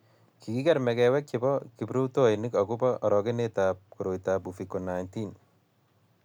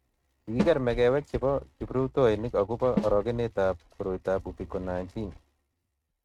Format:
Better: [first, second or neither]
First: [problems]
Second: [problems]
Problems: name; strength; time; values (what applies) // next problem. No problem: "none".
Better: first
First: none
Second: noise reduction (neural mask model RNNoise)